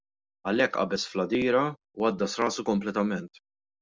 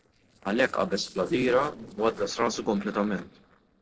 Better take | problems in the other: first | noise reduction (neural separator model SepFormer DNS4)

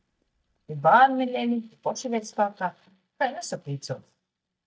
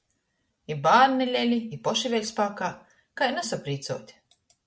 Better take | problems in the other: second | noise reduction (neural mask model DeepFilterNet 3)

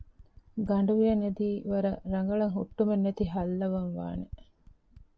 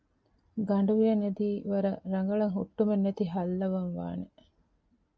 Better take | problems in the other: second | background sound (Typing); 19 dB below the speech

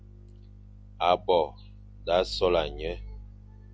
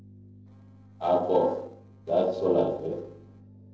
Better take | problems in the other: first | noise reduction (neural separator model SepFormer DNS4)

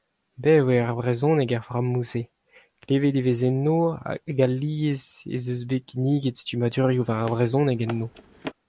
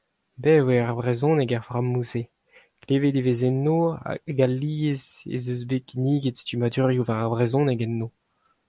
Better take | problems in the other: second | background sound (Run); 17 dB below the speech

